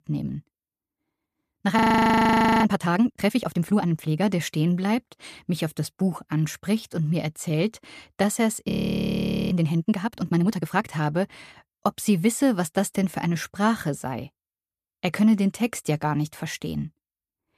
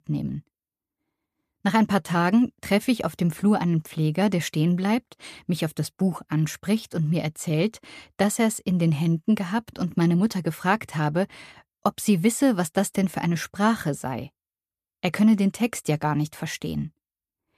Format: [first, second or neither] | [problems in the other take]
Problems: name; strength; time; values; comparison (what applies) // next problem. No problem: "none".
second | audio freezing; at 2 s for 1 s and at 8.5 s for 1 s